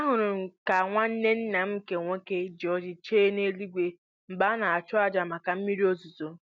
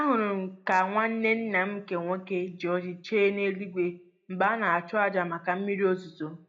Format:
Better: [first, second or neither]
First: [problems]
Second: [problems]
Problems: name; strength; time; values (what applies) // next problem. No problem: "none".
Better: first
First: none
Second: room echo; dies away in 0.2 s